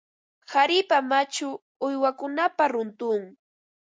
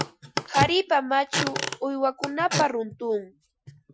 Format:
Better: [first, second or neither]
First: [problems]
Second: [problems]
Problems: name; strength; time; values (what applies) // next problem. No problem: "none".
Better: first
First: none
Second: noise reduction (classical method Wiener filter)